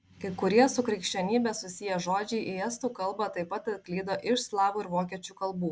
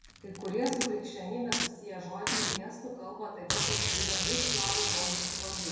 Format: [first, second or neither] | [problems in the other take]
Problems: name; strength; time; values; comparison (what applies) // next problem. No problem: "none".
first | background sound (Packing tape, duct tape); 4 dB above the speech // room echo; dies away in 1.2 s